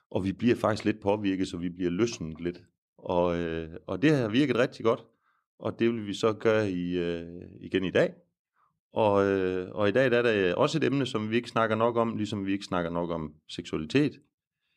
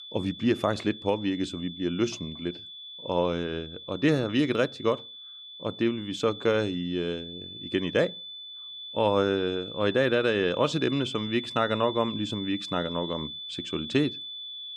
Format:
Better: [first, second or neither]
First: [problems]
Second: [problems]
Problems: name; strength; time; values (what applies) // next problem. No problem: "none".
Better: first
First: none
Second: high-pitched whine; noticeable; throughout; 3.5 kHz, 10 dB below the speech